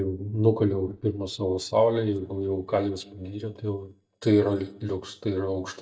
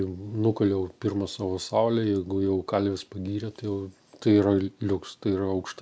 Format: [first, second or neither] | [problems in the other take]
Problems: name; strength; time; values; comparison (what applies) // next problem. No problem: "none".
second | noise reduction (neural mask model DeepFilterNet 3)